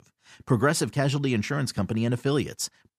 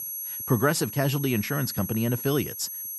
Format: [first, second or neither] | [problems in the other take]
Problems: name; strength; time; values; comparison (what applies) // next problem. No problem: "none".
first | high-pitched whine; loud; throughout; 11.5 kHz, 7 dB below the speech